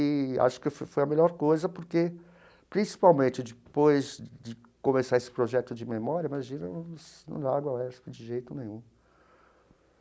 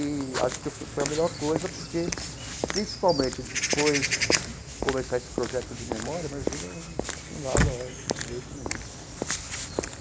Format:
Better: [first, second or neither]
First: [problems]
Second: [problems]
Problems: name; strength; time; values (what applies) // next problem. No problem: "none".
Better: first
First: none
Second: background sound (Walk, footsteps / Bird vocalization, bird call, bird song); as loud as the speech